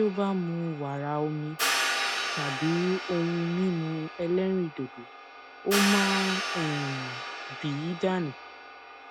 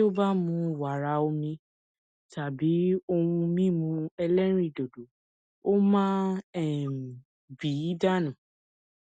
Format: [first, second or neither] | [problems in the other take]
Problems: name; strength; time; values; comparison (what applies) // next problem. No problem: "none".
second | background sound (Hi-hat); 4 dB below the speech